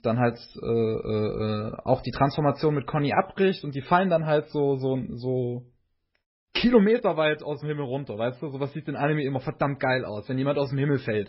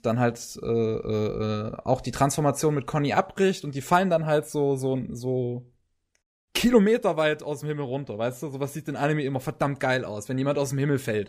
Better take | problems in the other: second | garbled, watery; badly; nothing above 5.5 kHz

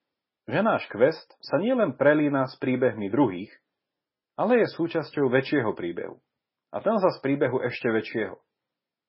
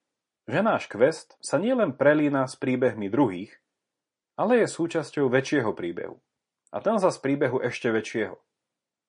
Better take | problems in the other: second | garbled, watery; badly; nothing above 5.5 kHz; slightly in the second

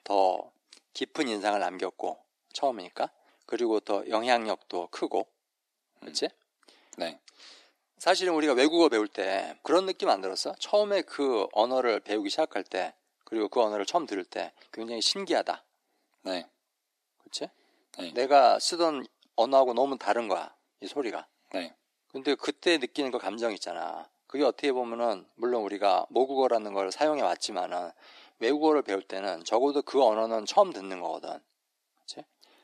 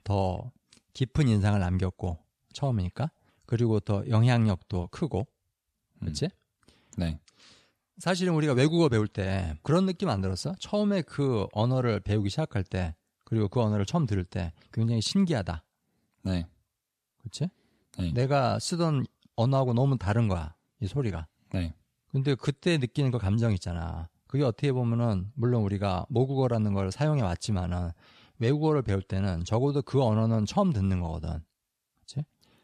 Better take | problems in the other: second | thin; very; fading below 300 Hz

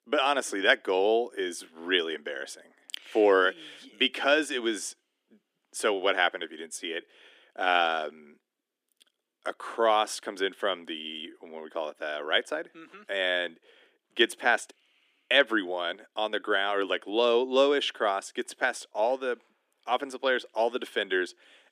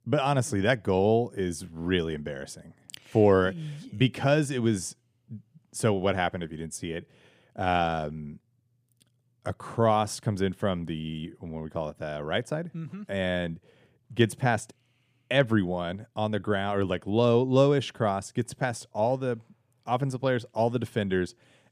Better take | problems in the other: second | thin; somewhat; fading below 300 Hz

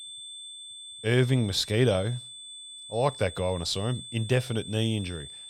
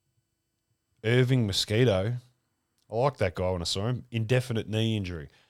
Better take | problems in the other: second | high-pitched whine; noticeable; throughout; 3.5 kHz, 15 dB below the speech

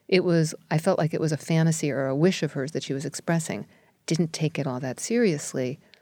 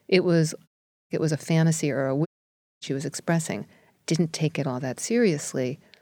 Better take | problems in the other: first | audio cutting out; at 0.5 s and at 2.5 s for 0.5 s

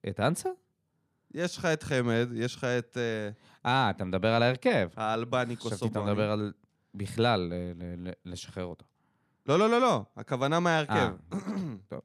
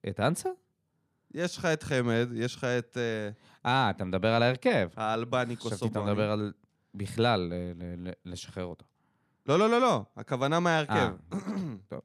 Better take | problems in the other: neither | none

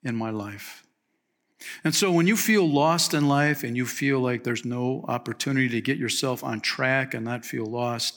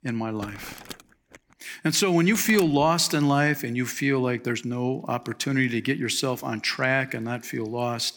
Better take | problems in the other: first | household noises; noticeable; throughout; 15 dB below the speech

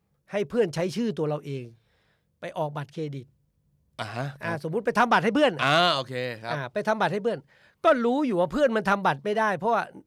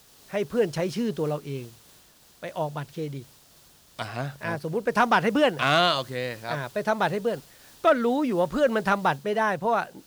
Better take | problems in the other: first | hiss; faint; throughout; 25 dB below the speech

